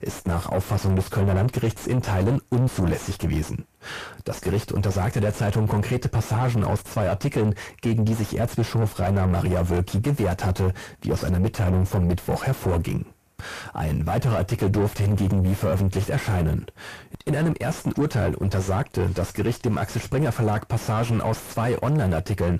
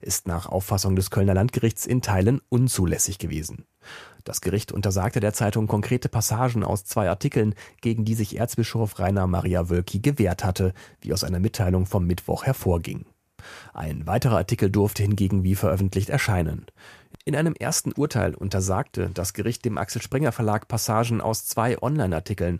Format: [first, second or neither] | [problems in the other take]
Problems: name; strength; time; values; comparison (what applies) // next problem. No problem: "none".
second | distortion; heavy; 5 dB below the speech